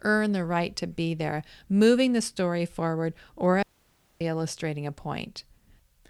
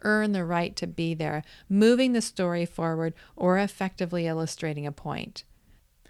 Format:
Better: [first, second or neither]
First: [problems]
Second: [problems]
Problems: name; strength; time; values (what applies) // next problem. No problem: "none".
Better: second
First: audio cutting out; at 3.5 s for 0.5 s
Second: none